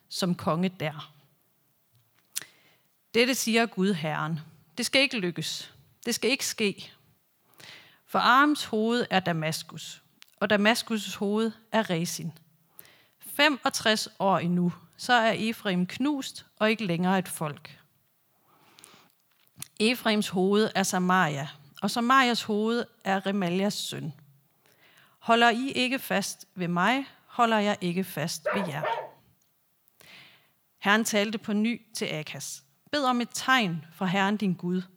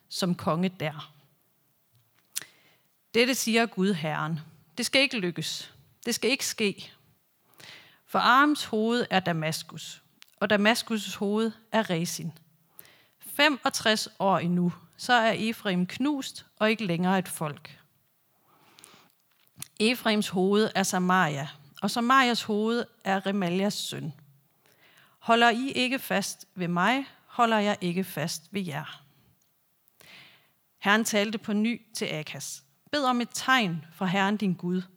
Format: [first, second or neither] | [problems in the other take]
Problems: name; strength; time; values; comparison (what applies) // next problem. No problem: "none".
second | dog barking; noticeable; at 28 s; peak 5 dB below the speech